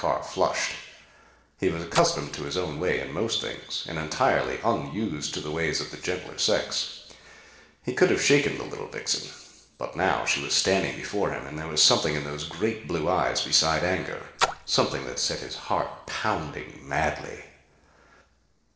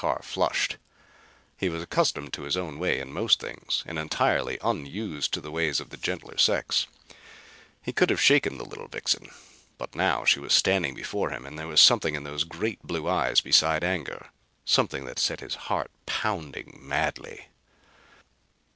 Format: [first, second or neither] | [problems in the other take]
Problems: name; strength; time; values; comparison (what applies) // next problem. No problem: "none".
second | noise reduction (neural separator model SepFormer DNS4)